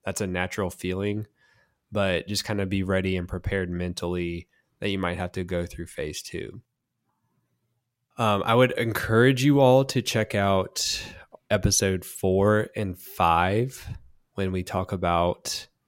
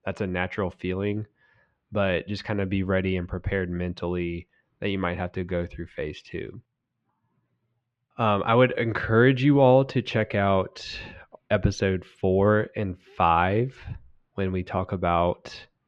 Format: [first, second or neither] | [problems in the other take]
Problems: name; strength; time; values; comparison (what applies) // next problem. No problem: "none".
first | muffled; slightly; fading above 3 kHz